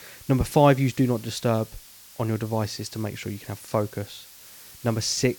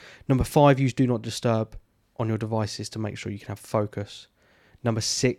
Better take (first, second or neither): second